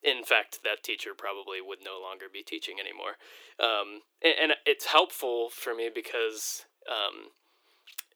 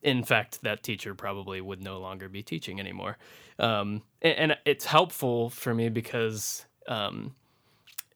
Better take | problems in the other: second | thin; very; fading below 300 Hz

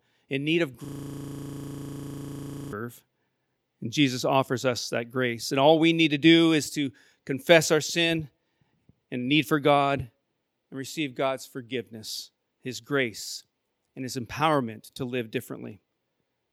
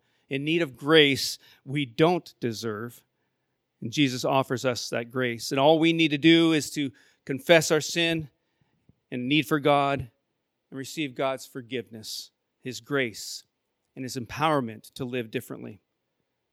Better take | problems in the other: second | audio freezing; at 1 s for 2 s

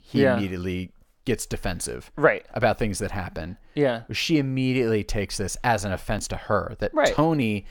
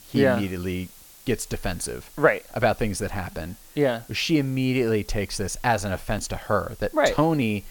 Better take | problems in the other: first | hiss; faint; throughout; 20 dB below the speech

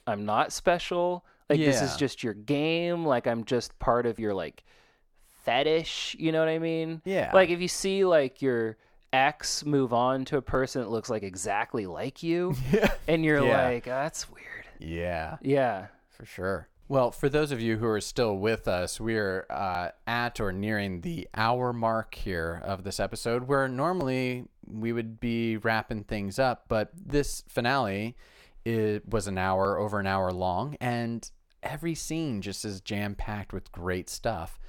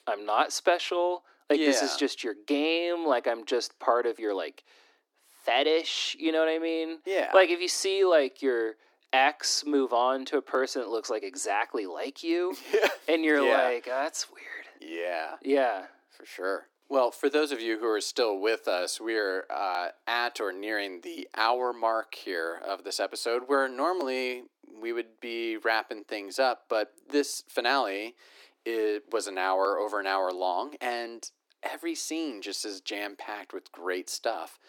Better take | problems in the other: first | thin; very slightly; fading below 300 Hz

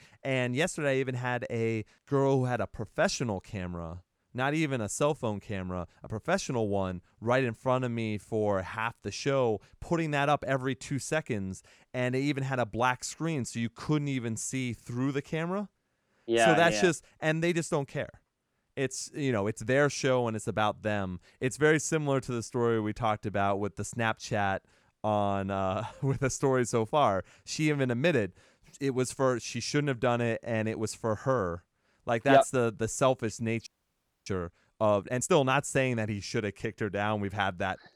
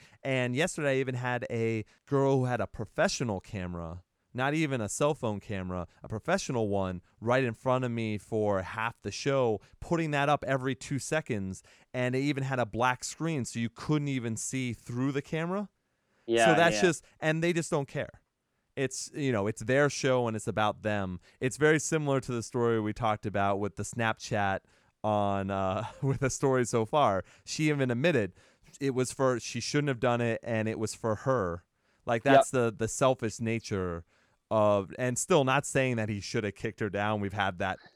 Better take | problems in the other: second | audio freezing; at 34 s for 0.5 s

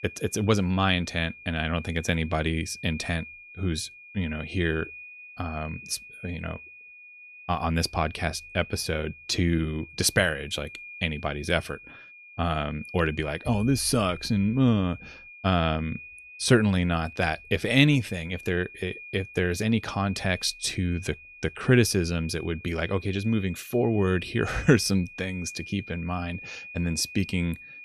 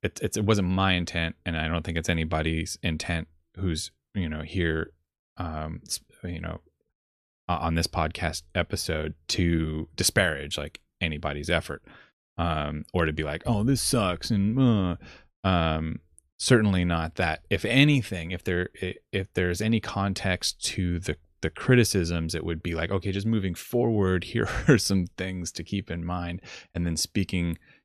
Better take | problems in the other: second | high-pitched whine; noticeable; throughout; 2.5 kHz, 15 dB below the speech

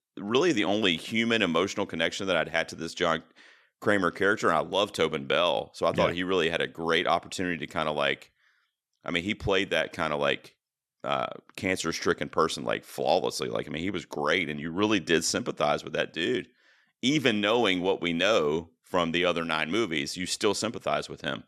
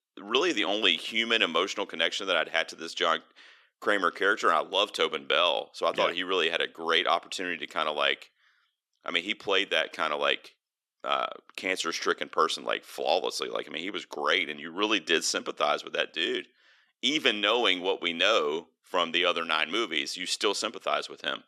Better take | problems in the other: first | thin; somewhat; fading below 350 Hz

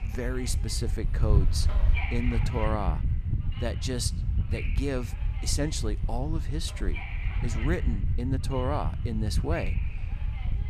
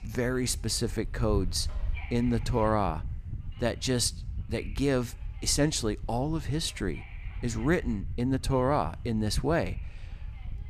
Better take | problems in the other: second | wind noise on the microphone; heavy; 7 dB below the speech; occasional gusts in the second

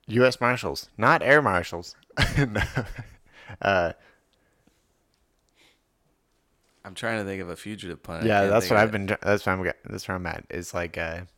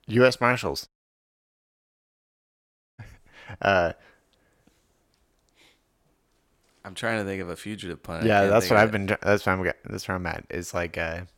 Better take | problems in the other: first | audio cutting out; at 1 s for 2 s

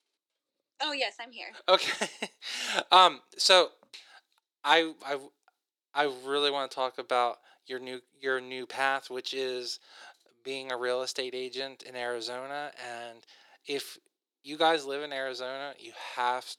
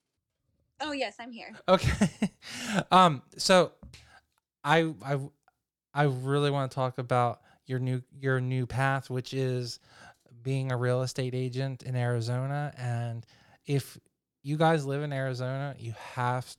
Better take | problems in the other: second | thin; very; fading below 350 Hz

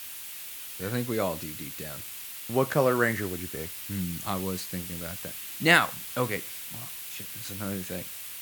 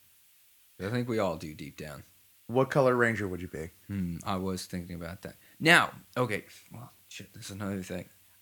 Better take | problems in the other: second | hiss; loud; throughout; 8 dB below the speech; faint in the second

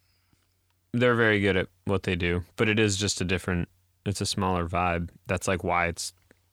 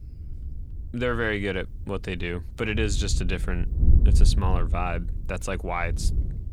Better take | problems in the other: first | wind noise on the microphone; occasional gusts; 15 dB below the speech

